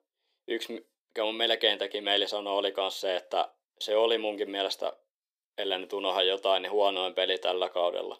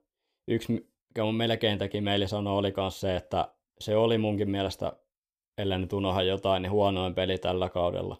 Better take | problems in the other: second | thin; very; fading below 350 Hz

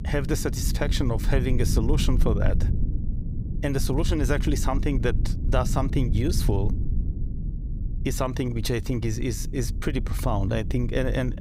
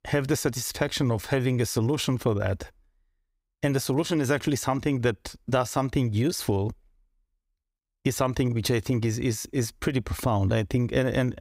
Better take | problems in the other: second | low rumble; noticeable; throughout; 10 dB below the speech

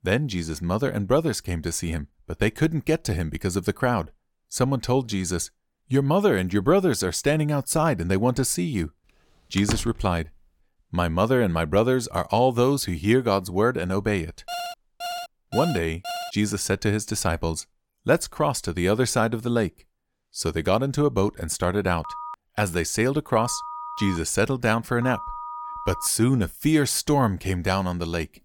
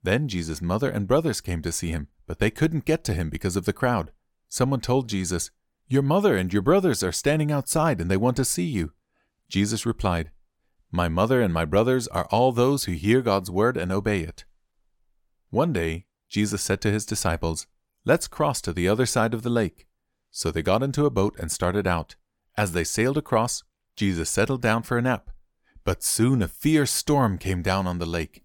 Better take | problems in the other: second | door banging; noticeable; at 9.5 s; peak 7 dB below the speech // alarm; noticeable; from 14 to 16 s; peak 8 dB below the speech // phone ringing; faint; from 22 to 26 s; peak 10 dB below the speech

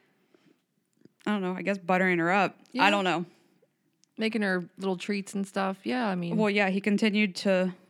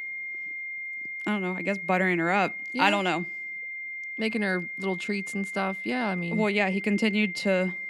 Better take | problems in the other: first | high-pitched whine; loud; throughout; 2 kHz, 6 dB below the speech

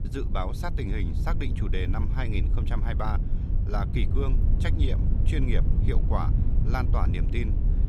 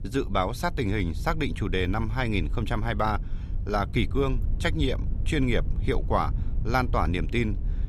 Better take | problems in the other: second | wind noise on the microphone; heavy; 7 dB below the speech; occasional gusts in the second

